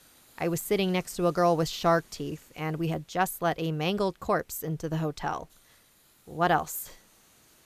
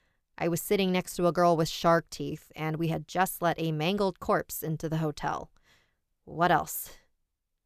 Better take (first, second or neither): second